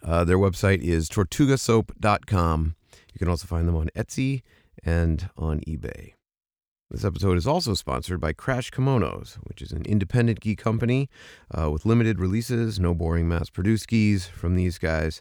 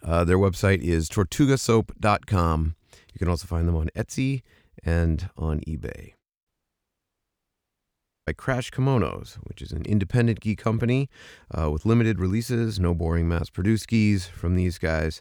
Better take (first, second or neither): first